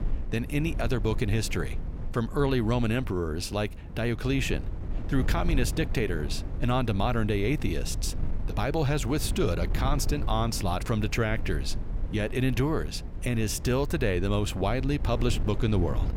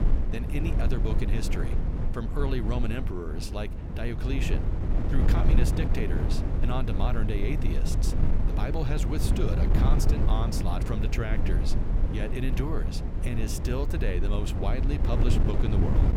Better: first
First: wind noise on the microphone; occasional gusts; 15 dB below the speech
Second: wind noise on the microphone; heavy; 3 dB below the speech

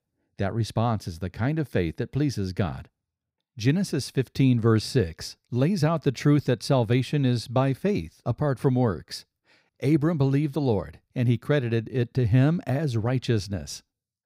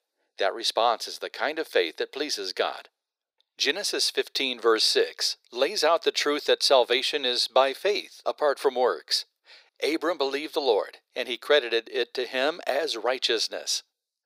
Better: first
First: none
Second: thin; very; fading below 450 Hz

